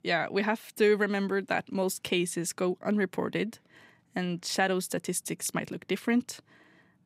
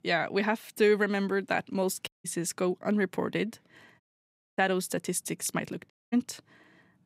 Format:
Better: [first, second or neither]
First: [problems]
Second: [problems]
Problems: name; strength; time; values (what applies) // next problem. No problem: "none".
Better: first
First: none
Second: audio cutting out; at 2 s, at 4 s for 0.5 s and at 6 s